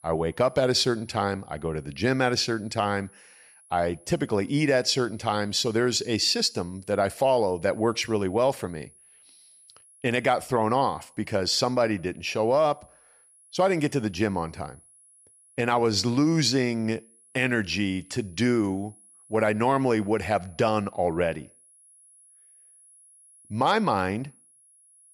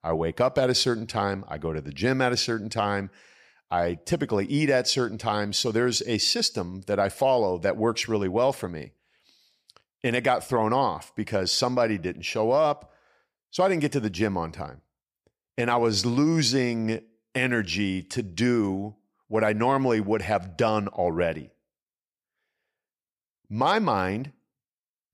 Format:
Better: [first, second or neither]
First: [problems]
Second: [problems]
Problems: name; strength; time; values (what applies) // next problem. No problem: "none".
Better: second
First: high-pitched whine; faint; throughout; 10.5 kHz, 30 dB below the speech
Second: none